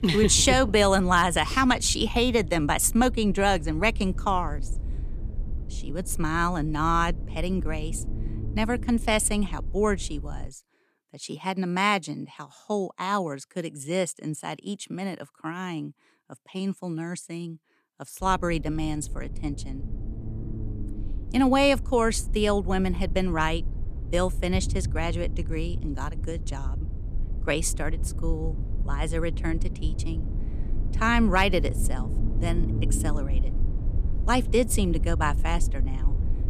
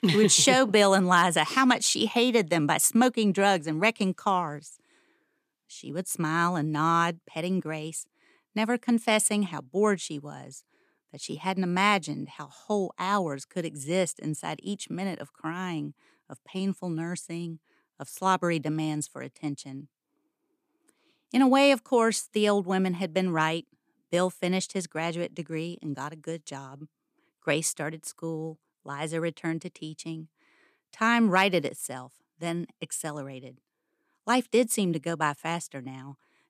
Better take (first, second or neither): second